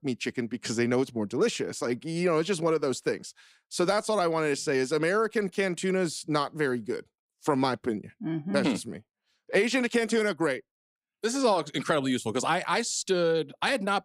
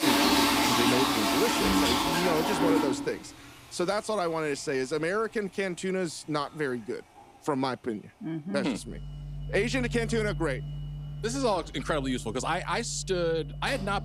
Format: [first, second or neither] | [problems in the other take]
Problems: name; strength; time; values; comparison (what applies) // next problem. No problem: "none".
first | household noises; very loud; throughout; 3 dB above the speech